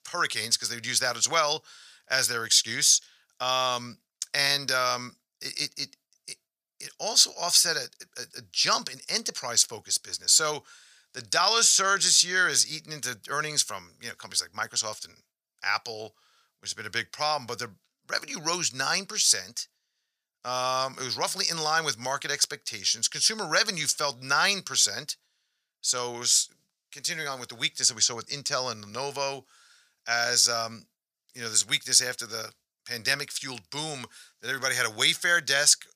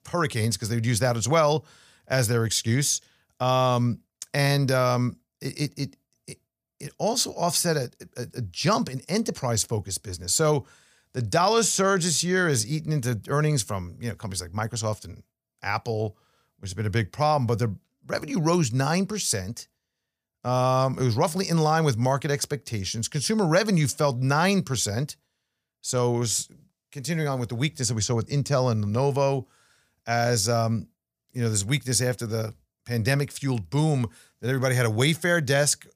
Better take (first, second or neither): second